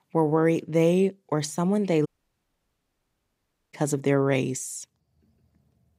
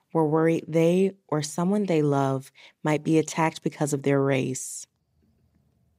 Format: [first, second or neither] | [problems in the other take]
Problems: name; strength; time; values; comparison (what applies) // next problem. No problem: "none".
second | audio cutting out; at 2 s for 1.5 s